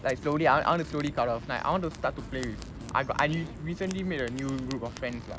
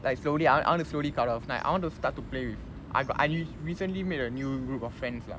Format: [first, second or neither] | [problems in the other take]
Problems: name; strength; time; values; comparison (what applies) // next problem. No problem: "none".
second | background sound (Fire + Fart); 19 dB below the speech